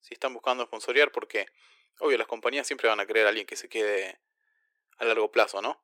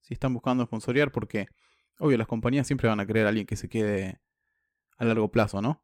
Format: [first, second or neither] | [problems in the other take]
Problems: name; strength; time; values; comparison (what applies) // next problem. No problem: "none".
second | thin; very; fading below 400 Hz